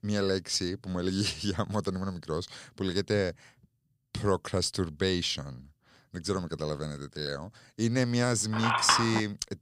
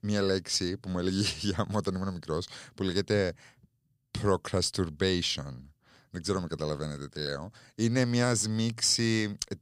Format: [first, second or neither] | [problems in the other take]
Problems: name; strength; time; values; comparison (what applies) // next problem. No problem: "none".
second | phone ringing; loud; at 8.5 s; peak 4 dB above the speech